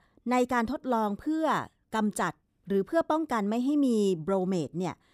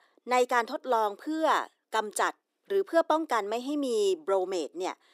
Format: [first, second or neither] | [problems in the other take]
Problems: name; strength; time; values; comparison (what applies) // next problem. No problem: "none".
first | thin; somewhat; fading below 350 Hz